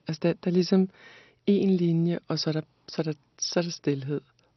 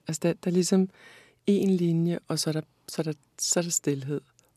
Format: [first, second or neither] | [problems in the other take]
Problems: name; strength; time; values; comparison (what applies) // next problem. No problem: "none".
second | garbled, watery; slightly; nothing above 6 kHz